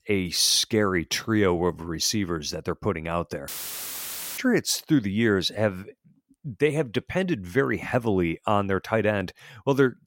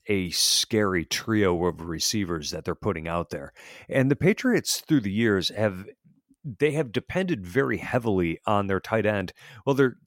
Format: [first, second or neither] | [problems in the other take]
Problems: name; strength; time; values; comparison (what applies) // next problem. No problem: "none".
second | audio cutting out; filled with static; at 3.5 s for 1 s